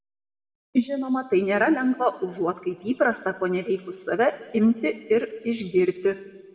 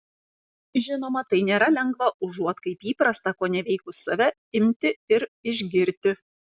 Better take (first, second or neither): second